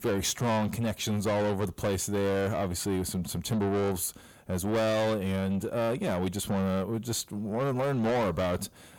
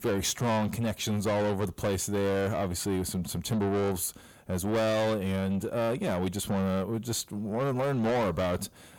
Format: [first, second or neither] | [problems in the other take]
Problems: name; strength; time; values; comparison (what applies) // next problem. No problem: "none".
neither | distortion; heavy; 7 dB below the speech; the same in both